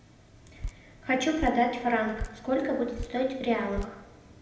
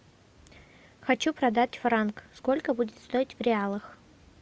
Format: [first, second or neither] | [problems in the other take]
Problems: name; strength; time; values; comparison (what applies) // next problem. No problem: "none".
second | background sound (Drip); 12 dB below the speech // room echo; dies away in 0.8 s